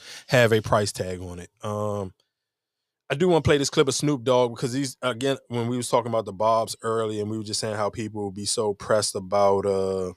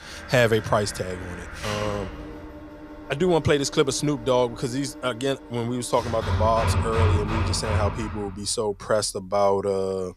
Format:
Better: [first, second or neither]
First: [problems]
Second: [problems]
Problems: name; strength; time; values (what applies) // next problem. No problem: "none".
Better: first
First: none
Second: machinery noise; loud; throughout; 6 dB below the speech